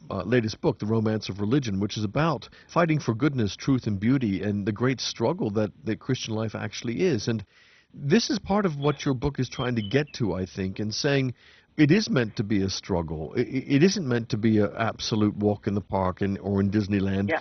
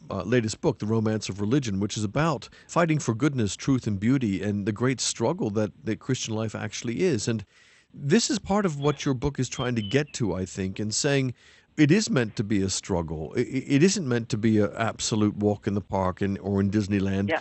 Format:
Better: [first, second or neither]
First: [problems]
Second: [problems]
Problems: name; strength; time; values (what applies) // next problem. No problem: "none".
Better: second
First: garbled, watery; badly; nothing above 6 kHz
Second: garbled, watery; slightly; nothing above 8 kHz